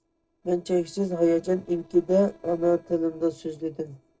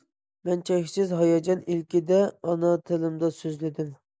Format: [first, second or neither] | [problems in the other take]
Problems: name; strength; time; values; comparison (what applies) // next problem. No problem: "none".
second | noise reduction (neural separator model SepFormer DNS4)